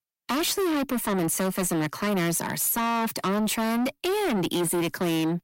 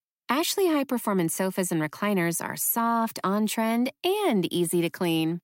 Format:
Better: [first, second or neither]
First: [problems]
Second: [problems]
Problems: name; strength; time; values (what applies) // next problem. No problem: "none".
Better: second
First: distortion; heavy; 7 dB below the speech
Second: none